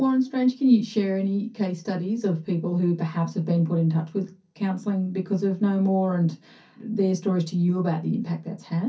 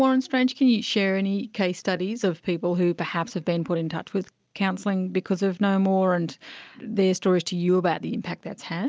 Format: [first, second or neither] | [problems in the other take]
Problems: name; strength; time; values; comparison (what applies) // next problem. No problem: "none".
second | room echo; dies away in 0.3 s